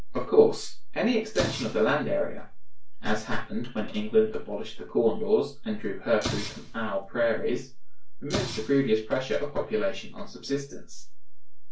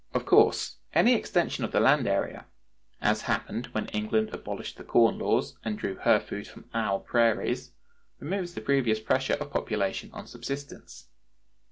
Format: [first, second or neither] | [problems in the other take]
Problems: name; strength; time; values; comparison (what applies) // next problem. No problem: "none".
second | background sound (Explosion); 13 dB below the speech // room echo; dies away in 0.2 s